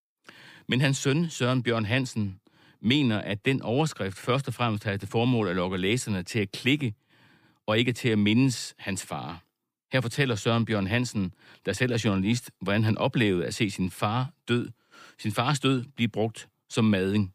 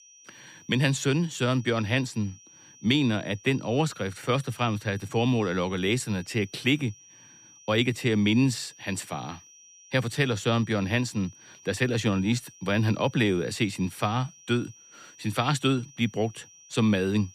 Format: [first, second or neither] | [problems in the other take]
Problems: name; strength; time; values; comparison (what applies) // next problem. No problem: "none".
first | high-pitched whine; faint; throughout; 6 kHz, 25 dB below the speech